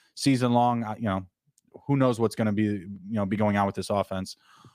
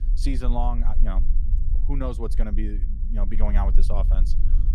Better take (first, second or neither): first